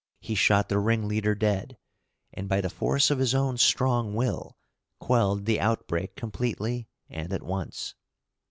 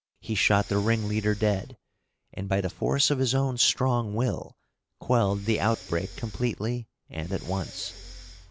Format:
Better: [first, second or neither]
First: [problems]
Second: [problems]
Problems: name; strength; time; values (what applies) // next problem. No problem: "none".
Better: first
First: none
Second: background sound (Breathing); 16 dB below the speech